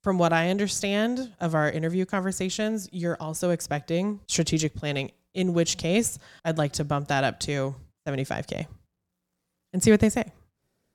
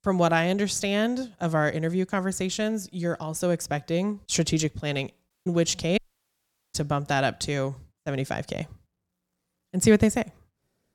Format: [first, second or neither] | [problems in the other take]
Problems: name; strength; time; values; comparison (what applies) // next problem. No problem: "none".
first | audio cutting out; at 5.5 s and at 6 s for 1 s